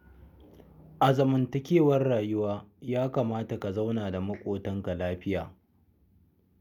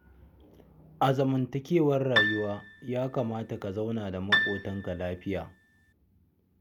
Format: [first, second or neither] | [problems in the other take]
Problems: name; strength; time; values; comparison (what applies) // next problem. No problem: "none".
first | background sound (Piano); 2 dB below the speech